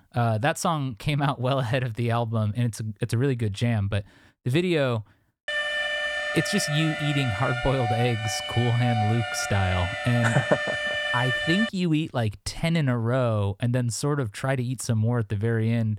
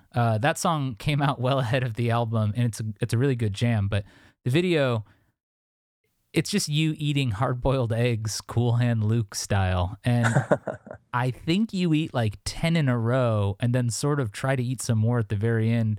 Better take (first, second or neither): second